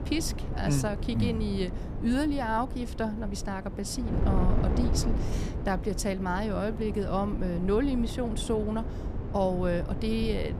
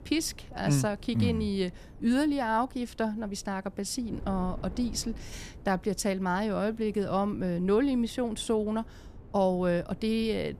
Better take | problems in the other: second | wind noise on the microphone; heavy; 9 dB below the speech; occasional gusts in the second

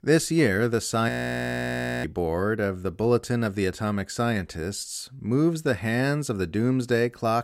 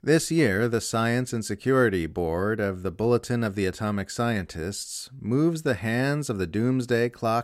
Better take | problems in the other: second | audio freezing; at 1 s for 1 s

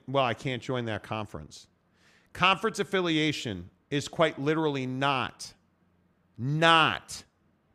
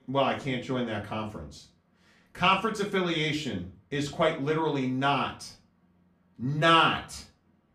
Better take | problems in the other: first | room echo; slight; dies away in 0.3 s // off-mic speech; far

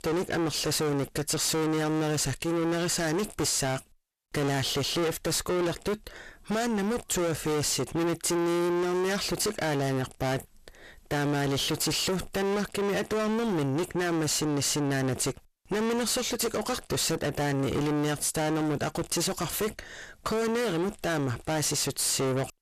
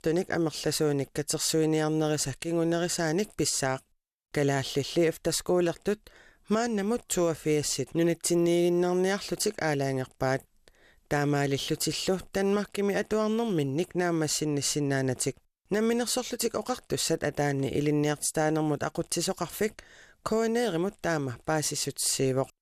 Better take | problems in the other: second | distortion; heavy; 5 dB below the speech

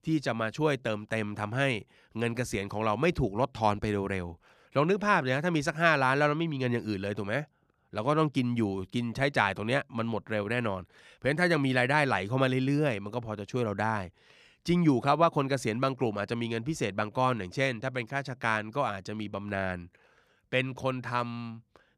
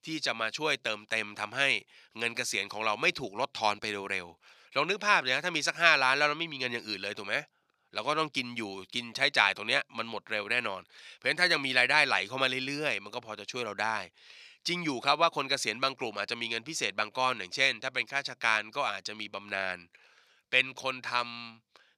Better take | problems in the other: first | thin; somewhat; fading below 1 kHz

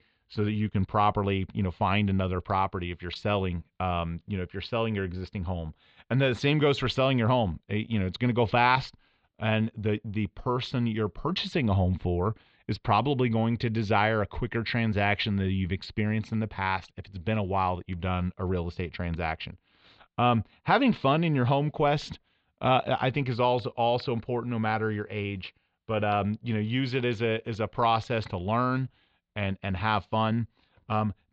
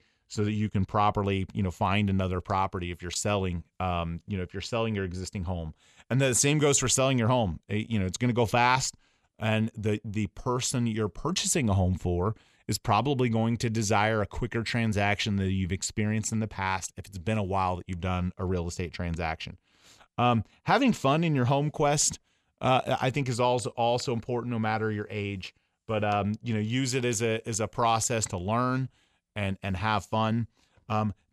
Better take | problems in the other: second | muffled; slightly; fading above 4 kHz

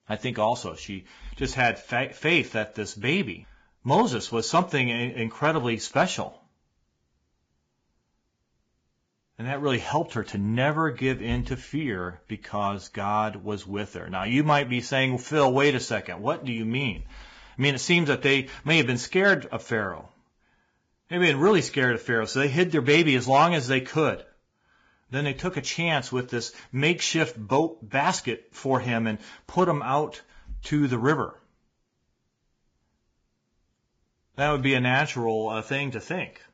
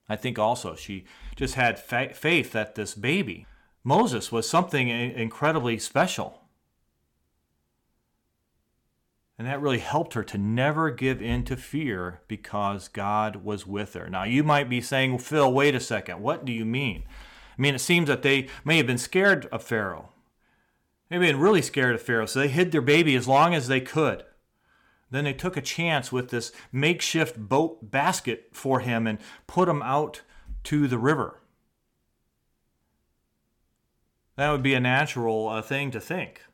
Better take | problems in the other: second | garbled, watery; badly; nothing above 7.5 kHz

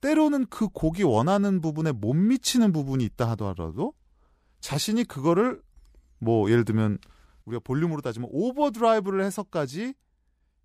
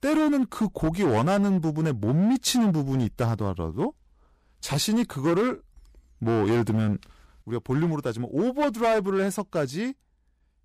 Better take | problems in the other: first | distortion; slight; 11% of the sound clipped

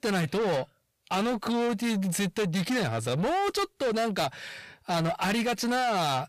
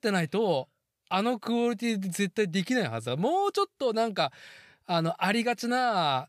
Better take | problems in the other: second | distortion; heavy; 7 dB below the speech

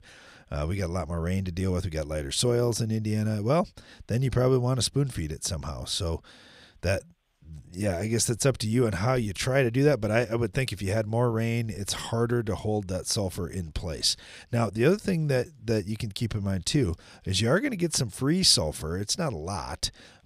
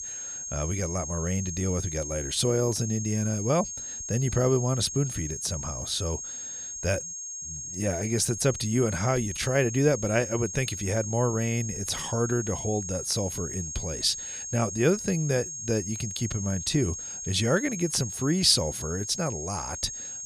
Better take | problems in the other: first | high-pitched whine; loud; throughout; 6.5 kHz, 6 dB below the speech

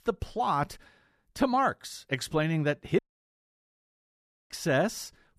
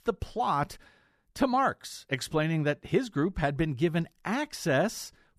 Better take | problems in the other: second | audio cutting out; at 3 s for 1.5 s

